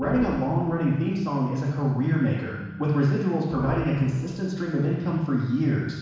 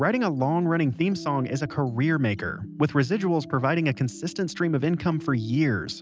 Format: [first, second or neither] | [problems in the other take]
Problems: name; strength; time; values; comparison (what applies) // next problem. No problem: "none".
second | background sound (Organ); 15 dB below the speech // room echo; dies away in 1.1 s